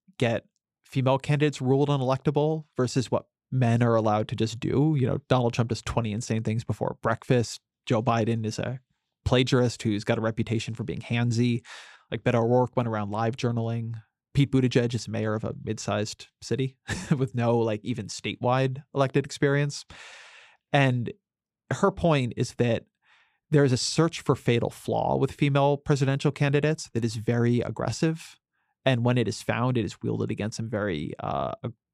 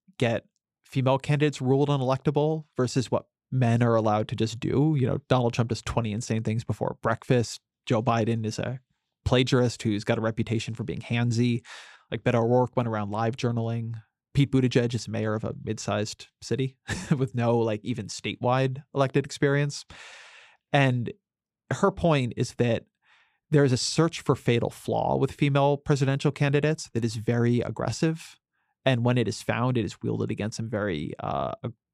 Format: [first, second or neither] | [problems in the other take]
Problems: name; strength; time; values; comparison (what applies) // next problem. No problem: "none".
neither | none